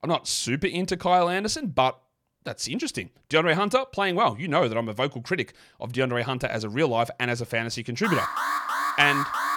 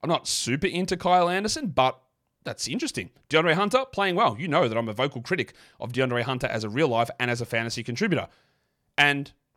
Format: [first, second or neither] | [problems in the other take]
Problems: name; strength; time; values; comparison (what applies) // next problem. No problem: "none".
second | alarm; noticeable; from 8 s on; peak 1 dB below the speech